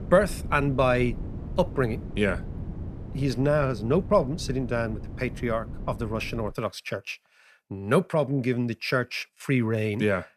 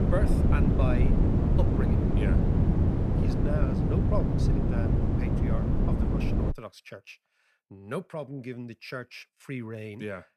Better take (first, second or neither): first